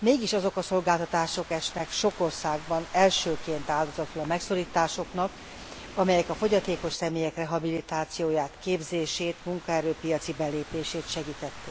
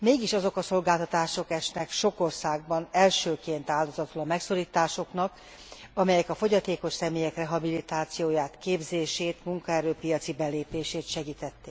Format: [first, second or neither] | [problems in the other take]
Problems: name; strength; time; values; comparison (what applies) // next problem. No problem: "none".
second | background sound (Rain / Thunderstorm); 16 dB below the speech